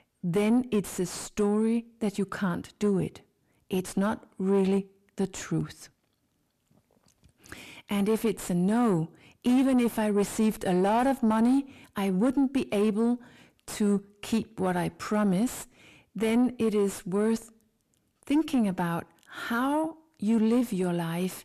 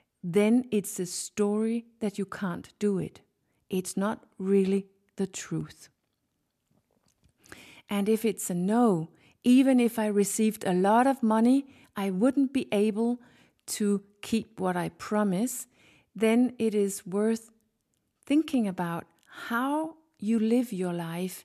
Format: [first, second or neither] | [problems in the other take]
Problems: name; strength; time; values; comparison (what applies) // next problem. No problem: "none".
second | distortion; slight; 9 dB below the speech